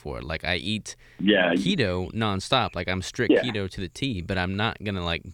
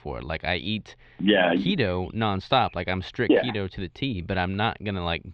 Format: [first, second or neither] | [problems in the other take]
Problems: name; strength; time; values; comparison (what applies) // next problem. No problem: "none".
first | muffled; slightly; fading above 3.5 kHz